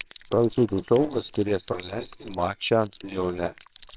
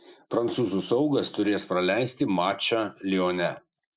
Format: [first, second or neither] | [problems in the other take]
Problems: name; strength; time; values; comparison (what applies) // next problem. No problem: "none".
second | noise reduction (neural separator model SepFormer WHAMR!)